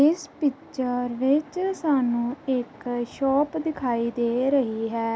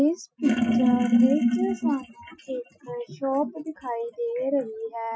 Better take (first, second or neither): first